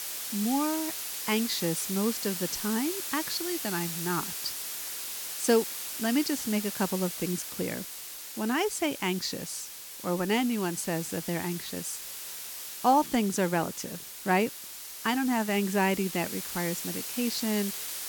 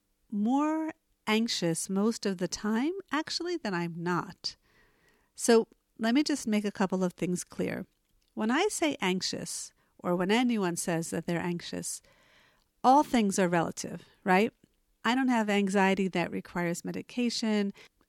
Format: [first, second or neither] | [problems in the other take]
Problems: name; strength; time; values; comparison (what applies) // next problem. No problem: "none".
second | hiss; loud; throughout; 5 dB below the speech